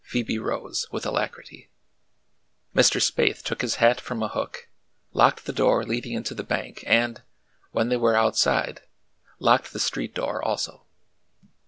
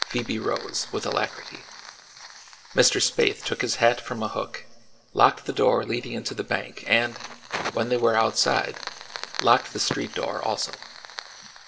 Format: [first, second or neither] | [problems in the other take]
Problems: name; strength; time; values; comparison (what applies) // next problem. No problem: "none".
first | background sound (Fire); 13 dB below the speech // room echo; dies away in 0.3 s